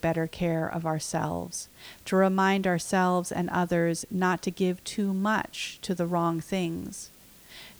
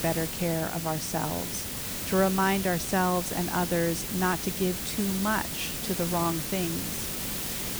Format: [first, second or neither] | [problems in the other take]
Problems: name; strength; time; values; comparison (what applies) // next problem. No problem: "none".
first | hiss; loud; throughout; 2 dB below the speech; faint in the first